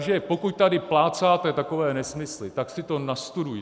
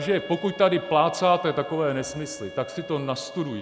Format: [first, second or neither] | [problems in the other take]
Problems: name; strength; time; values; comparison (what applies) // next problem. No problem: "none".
first | background sound (Wind instrument, woodwind instrument); 16 dB below the speech